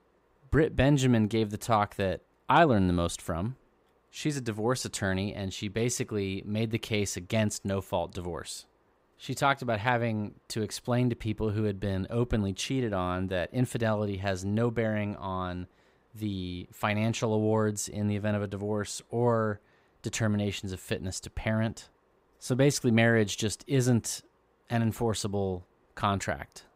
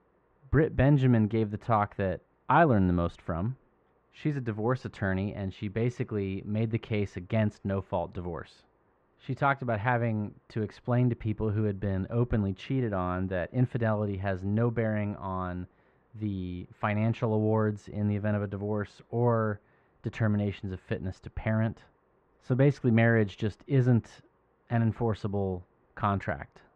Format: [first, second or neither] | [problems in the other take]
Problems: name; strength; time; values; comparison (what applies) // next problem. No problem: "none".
first | muffled; very; fading above 1.5 kHz